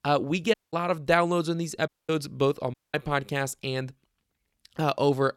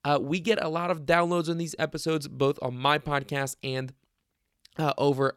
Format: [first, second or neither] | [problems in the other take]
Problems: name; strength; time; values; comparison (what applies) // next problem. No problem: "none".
second | audio cutting out; at 0.5 s, at 2 s and at 2.5 s